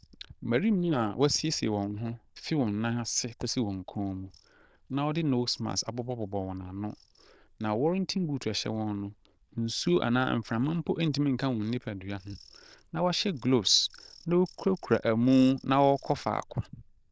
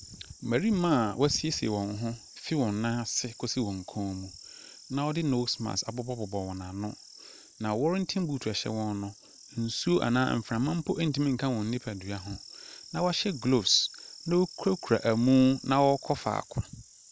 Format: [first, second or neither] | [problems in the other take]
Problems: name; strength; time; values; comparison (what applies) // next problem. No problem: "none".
second | noise reduction (neural diffusion model UNIVERSE++)